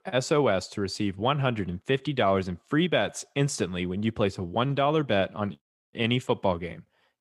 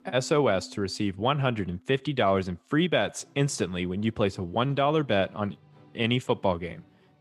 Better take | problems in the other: first | background music; faint; throughout; 30 dB below the speech

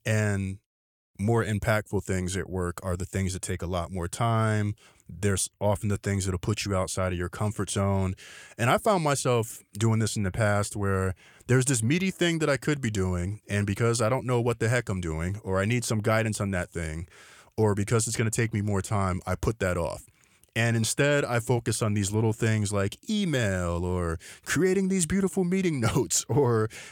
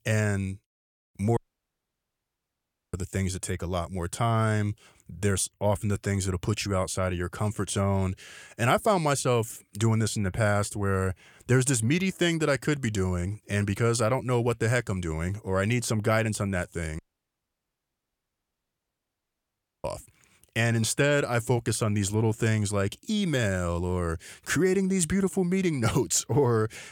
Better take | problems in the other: first | audio cutting out; at 1.5 s for 1.5 s and at 17 s for 3 s

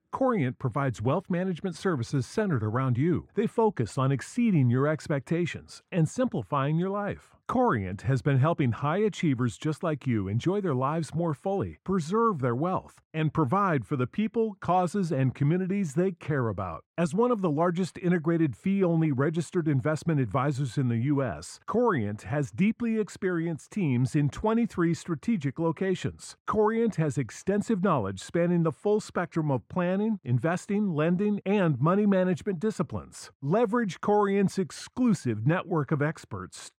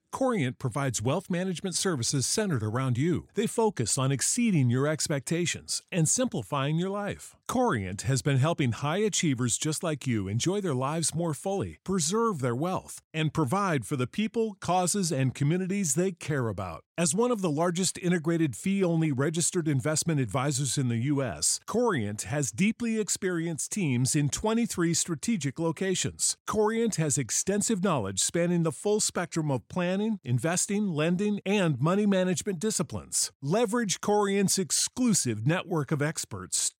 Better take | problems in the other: second | muffled; very; fading above 3.5 kHz

